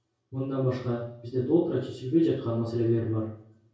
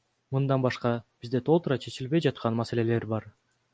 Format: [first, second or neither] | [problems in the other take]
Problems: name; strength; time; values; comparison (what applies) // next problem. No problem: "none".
second | room echo; dies away in 0.6 s